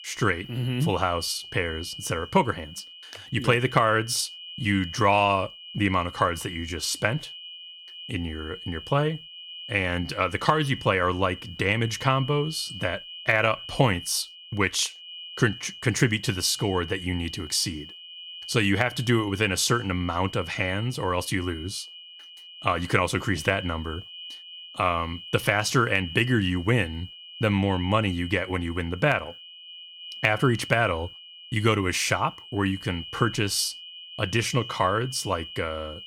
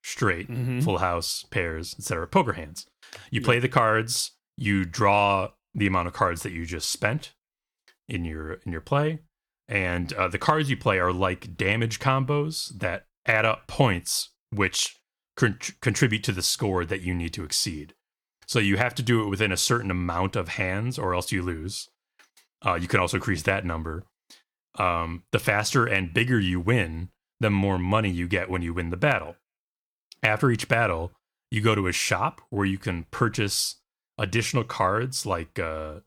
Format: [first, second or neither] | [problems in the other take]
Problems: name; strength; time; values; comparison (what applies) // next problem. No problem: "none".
second | high-pitched whine; noticeable; throughout; 3 kHz, 15 dB below the speech